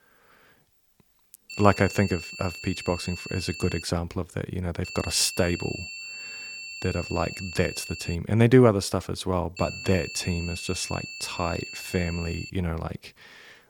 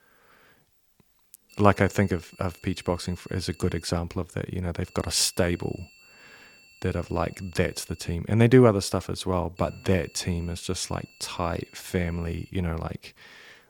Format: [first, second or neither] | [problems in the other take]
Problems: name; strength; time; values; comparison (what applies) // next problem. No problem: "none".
second | high-pitched whine; loud; from 1.5 to 4 s, from 5 to 8 s and from 9.5 to 13 s; 2.5 kHz, 10 dB below the speech; faint in the second